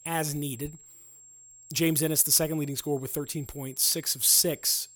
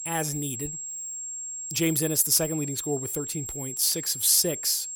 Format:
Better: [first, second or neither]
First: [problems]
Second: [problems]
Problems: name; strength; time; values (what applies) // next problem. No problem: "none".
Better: first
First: high-pitched whine; faint; throughout; 7.5 kHz, 25 dB below the speech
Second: high-pitched whine; loud; throughout; 7.5 kHz, 8 dB below the speech